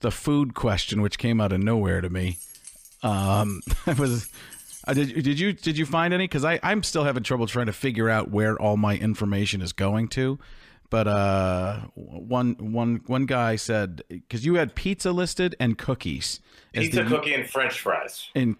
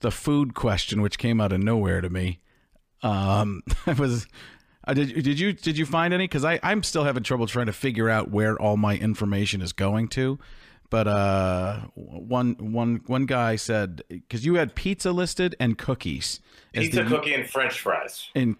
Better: second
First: jangling keys; faint; from 2 to 5 s; peak 15 dB below the speech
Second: none

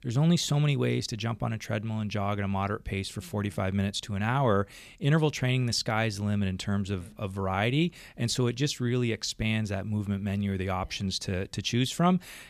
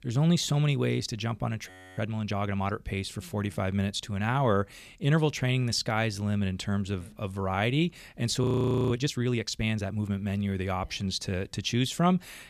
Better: first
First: none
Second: audio freezing; at 1.5 s and at 8.5 s

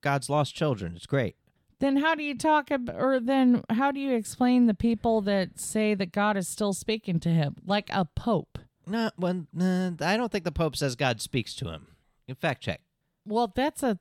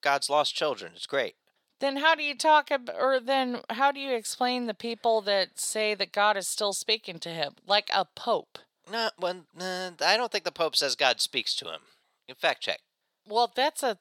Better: first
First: none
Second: thin; very; fading below 600 Hz

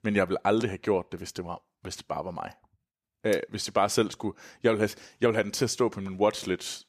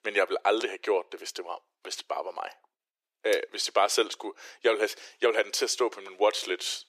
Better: first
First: none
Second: thin; very; fading below 350 Hz

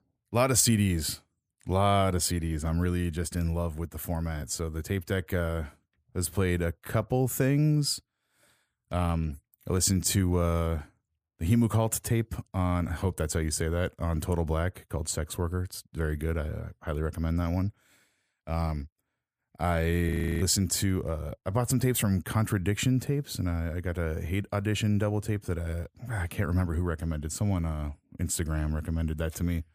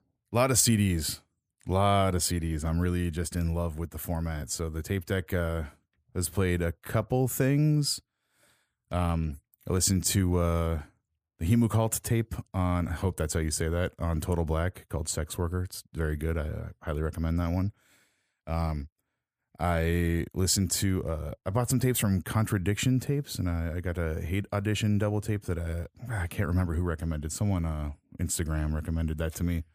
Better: second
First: audio freezing; at 20 s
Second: none

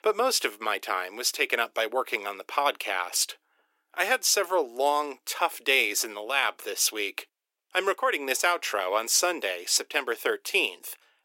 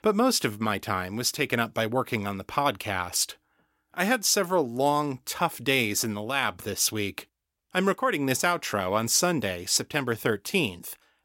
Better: second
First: thin; very; fading below 350 Hz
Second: none

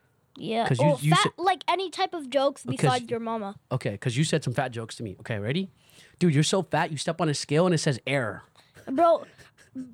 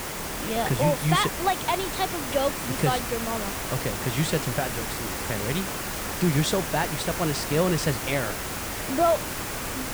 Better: first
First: none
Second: hiss; loud; throughout; 3 dB below the speech

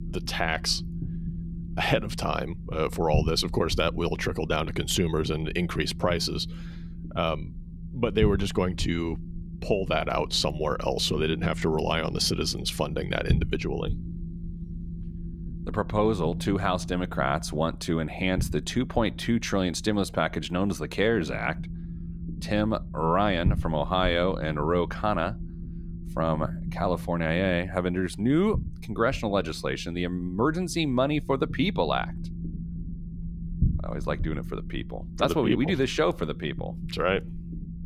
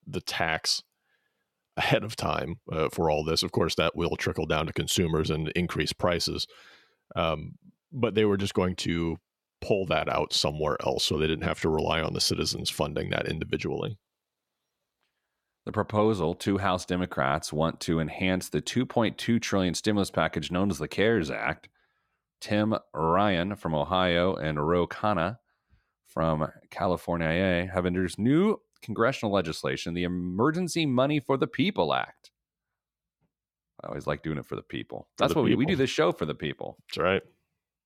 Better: second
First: low rumble; noticeable; throughout; 20 dB below the speech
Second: none

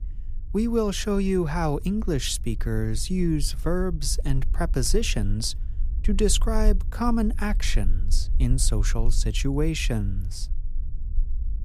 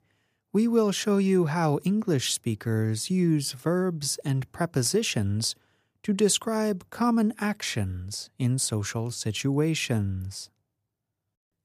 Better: second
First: low rumble; faint; throughout; 25 dB below the speech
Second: none

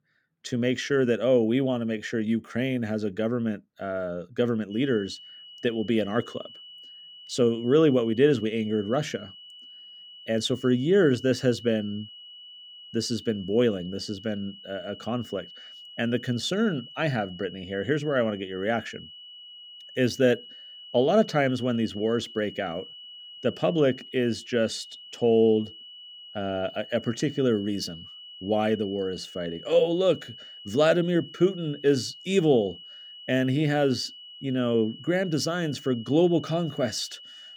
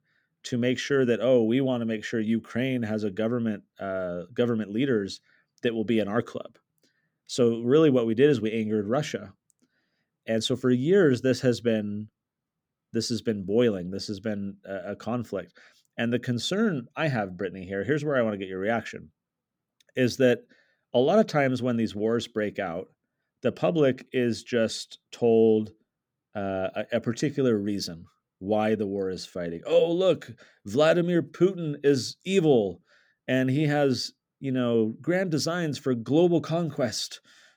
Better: second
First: high-pitched whine; noticeable; from 4.5 s on; 3 kHz, 15 dB below the speech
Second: none

